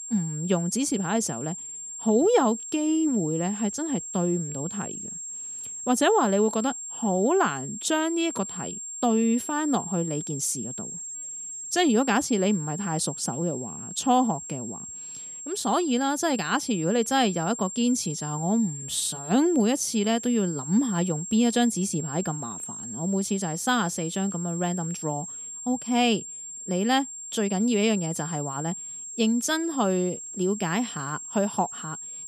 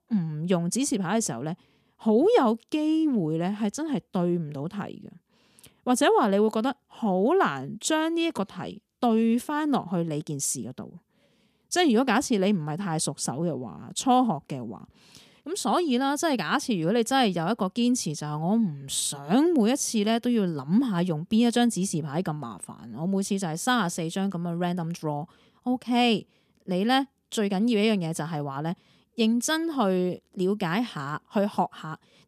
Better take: second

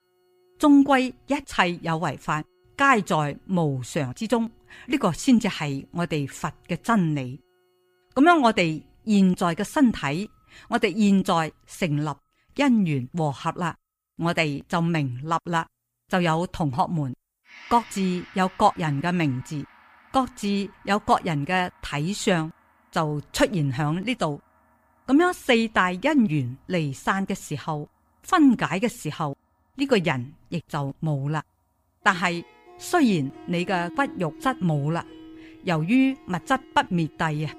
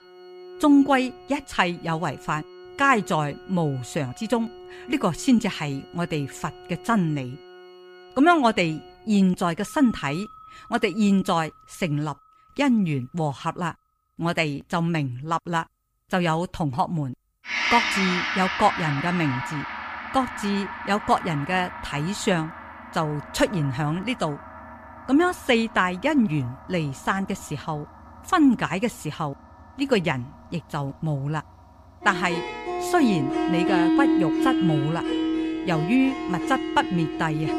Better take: first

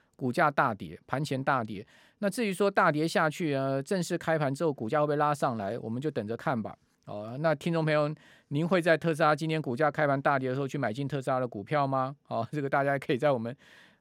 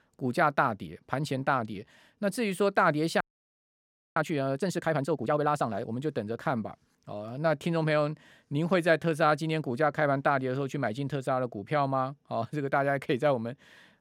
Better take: first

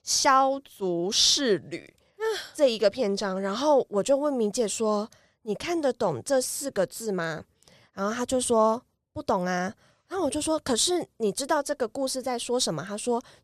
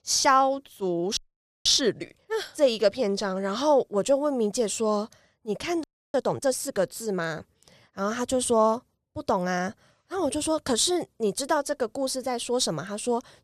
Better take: first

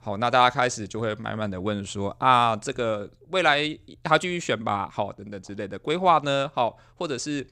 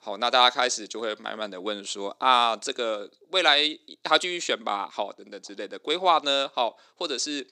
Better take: first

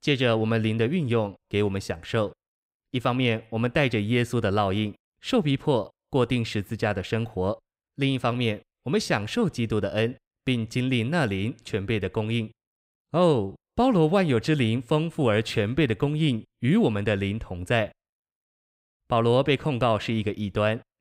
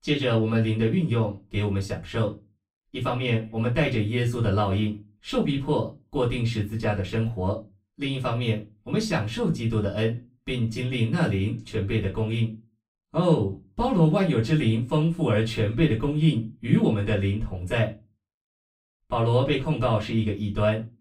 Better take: first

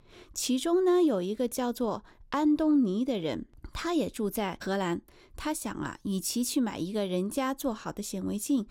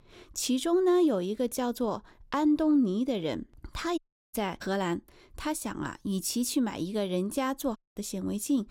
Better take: first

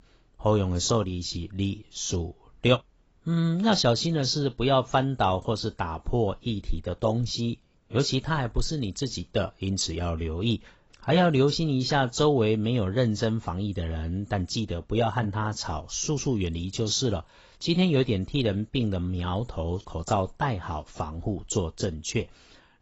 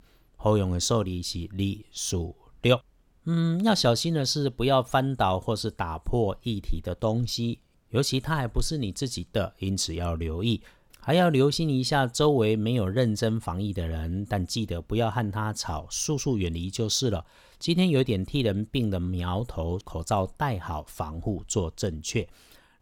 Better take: second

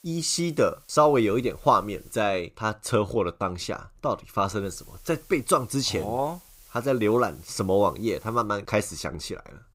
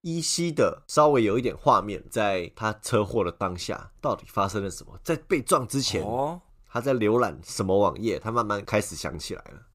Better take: second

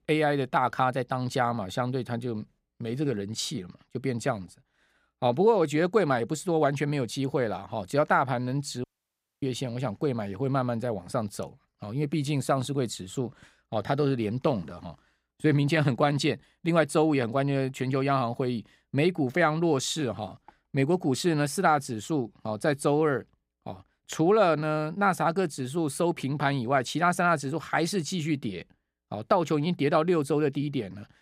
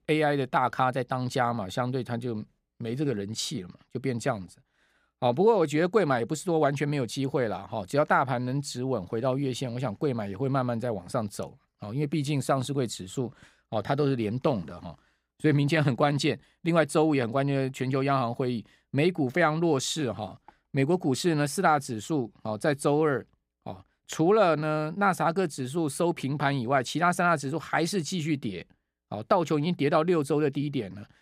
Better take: second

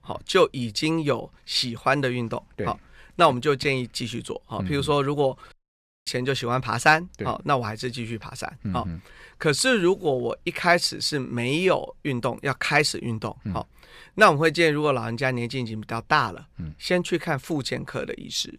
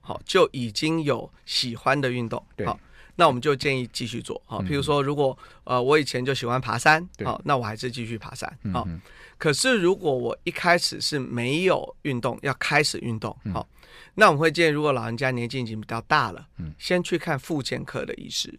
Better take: second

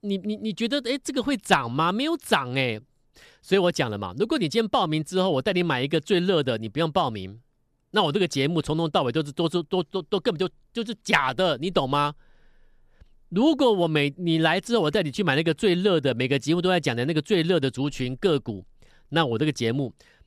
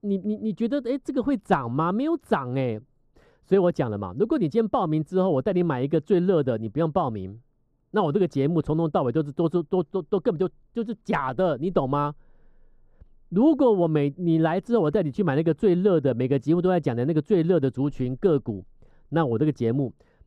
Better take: first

